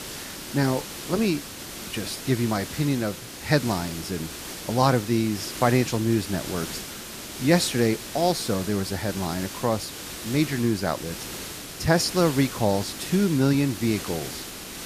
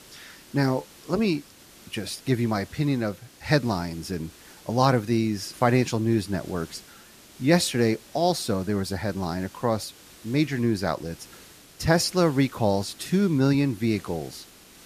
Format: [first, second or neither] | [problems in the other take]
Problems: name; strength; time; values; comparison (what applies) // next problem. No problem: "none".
second | hiss; loud; throughout; 9 dB below the speech; faint in the second